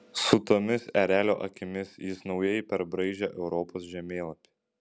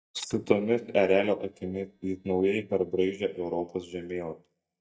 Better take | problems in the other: first | noise reduction (neural mask model DeepFilterNet 3)

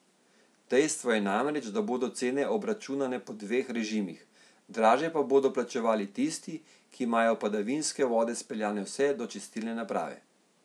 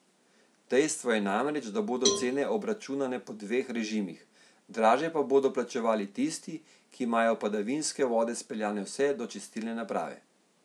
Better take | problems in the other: first | background sound (Cowbell); 6 dB below the speech

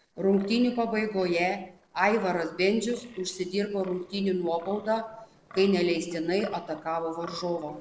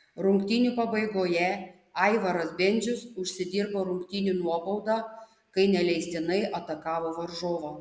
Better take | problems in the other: second | noise reduction (neural separator model SepFormer DNS4)

